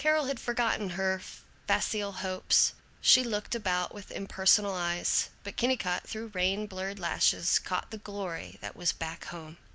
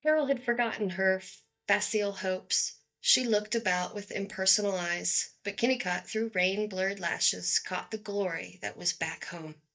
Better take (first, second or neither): first